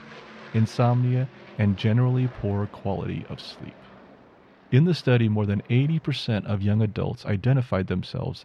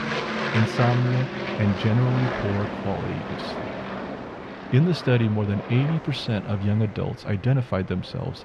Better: first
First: train or aircraft noise; faint; throughout; 25 dB below the speech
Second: train or aircraft noise; loud; throughout; 6 dB below the speech

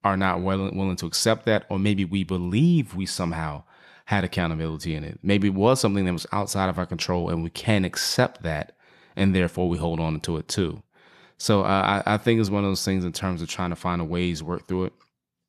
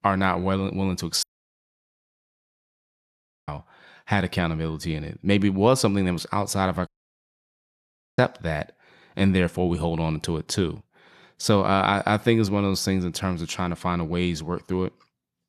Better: first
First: none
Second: audio cutting out; at 1 s for 2.5 s and at 7 s for 1.5 s

